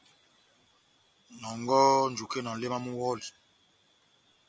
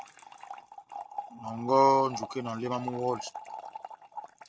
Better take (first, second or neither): first